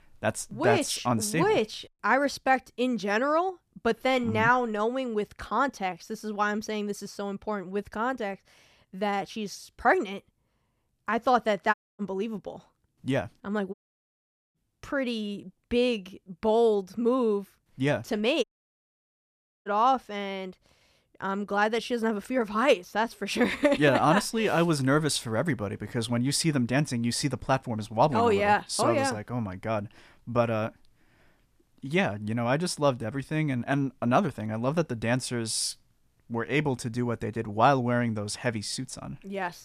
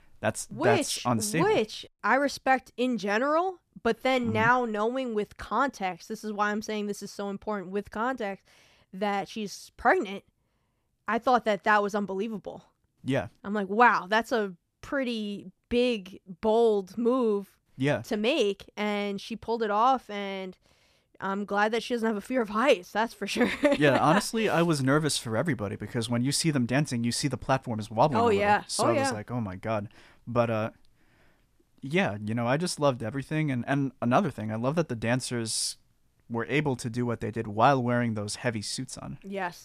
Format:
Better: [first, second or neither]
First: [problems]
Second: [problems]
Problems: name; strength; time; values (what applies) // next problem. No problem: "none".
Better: second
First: audio cutting out; at 12 s, at 14 s for 1 s and at 18 s for 1 s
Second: none